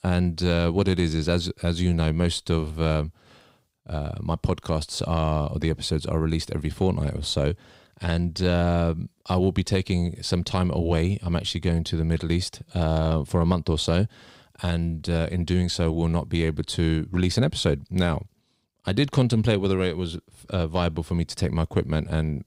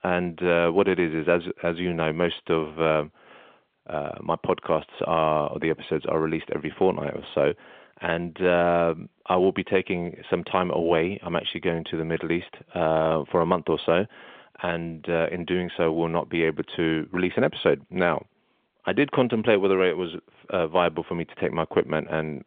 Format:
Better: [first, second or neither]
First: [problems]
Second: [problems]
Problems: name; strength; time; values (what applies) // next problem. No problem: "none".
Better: first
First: none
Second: phone-call audio; nothing above 3.5 kHz